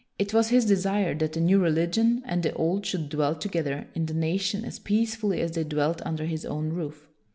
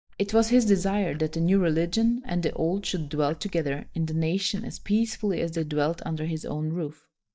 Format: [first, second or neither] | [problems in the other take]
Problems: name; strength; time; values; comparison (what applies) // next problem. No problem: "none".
first | noise reduction (neural mask model DeepFilterNet 3)